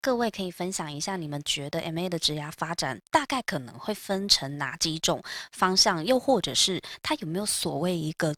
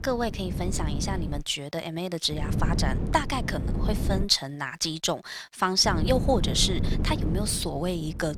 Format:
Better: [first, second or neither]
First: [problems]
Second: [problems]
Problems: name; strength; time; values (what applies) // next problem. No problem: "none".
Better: first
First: none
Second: wind noise on the microphone; occasional gusts; until 1.5 s, from 2.5 to 4 s and from 6 s on; 10 dB below the speech